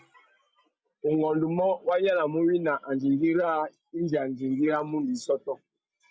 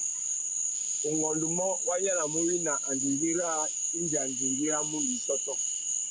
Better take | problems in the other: first | background sound (Frog); 3 dB above the speech

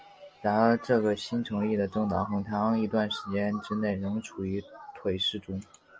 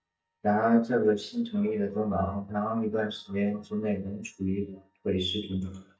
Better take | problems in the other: first | noise reduction (neural mask model DeepFilterNet 3)

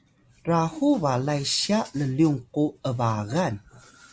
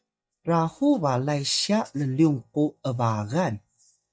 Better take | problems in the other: first | noise reduction (neural mask model DeepFilterNet 3)

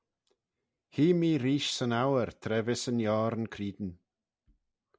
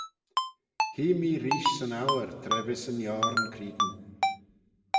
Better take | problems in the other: first | background sound (Ringtone); 1 dB above the speech // room echo; dies away in 1.6 s

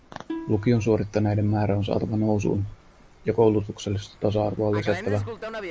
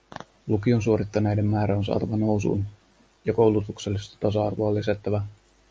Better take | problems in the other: second | background sound (Plucked string instrument + Fixed-wing aircraft, airplane); 15 dB below the speech

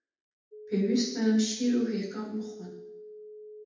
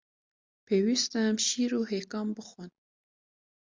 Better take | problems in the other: second | background sound (Telephone); 15 dB below the speech // room echo; dies away in 0.8 s

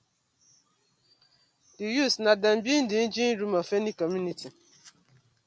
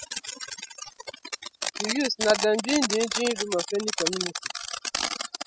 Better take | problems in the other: first | noise reduction (classical method spectral subtraction)

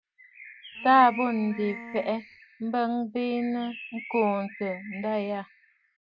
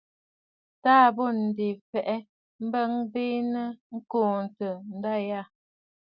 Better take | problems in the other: second | background sound (Bowed string instrument + Bird); 15 dB below the speech

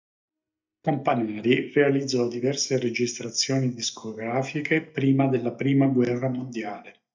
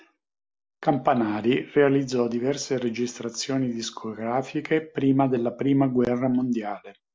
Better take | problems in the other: second | noise reduction (neural mask model DeepFilterNet 3)

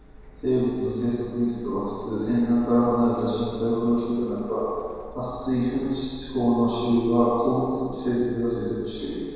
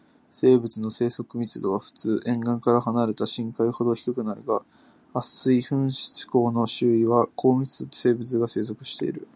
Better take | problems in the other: second | background sound (Printer); 20 dB below the speech // room echo; dies away in 1.9 s

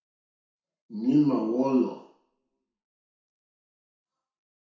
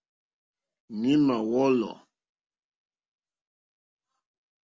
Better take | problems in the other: second | room echo; dies away in 0.6 s

